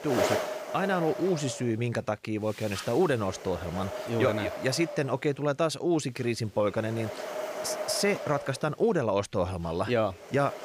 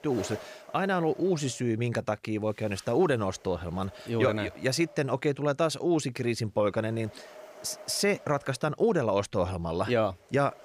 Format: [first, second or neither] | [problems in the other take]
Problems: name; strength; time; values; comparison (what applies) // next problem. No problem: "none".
second | wind noise on the microphone; heavy; 5 dB below the speech; occasional gusts in the second